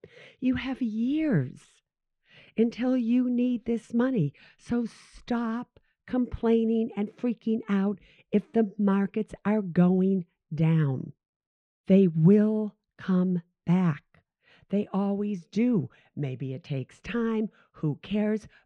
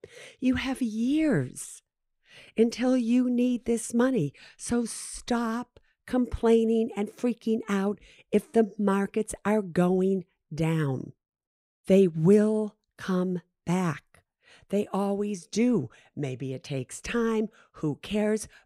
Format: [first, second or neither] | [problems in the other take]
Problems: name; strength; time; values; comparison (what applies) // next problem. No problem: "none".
second | muffled; slightly; fading above 3 kHz